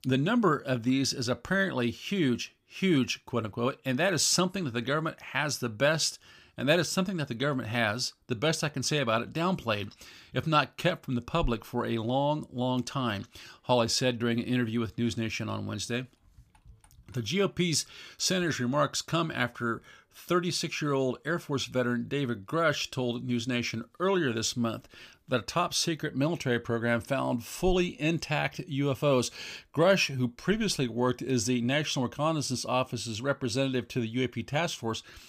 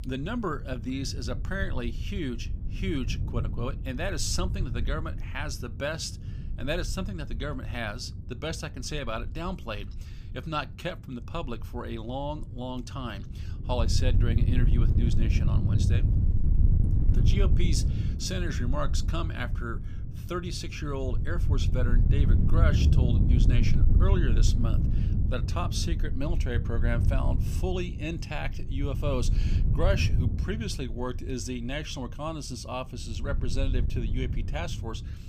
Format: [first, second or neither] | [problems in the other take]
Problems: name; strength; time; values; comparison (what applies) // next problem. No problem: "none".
first | wind noise on the microphone; heavy; 7 dB below the speech